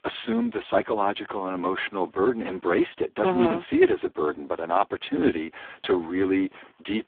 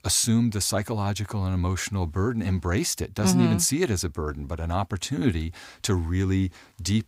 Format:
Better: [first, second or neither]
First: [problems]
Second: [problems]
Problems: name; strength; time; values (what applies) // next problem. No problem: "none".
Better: second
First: phone-call audio; poor line; nothing above 3.5 kHz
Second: none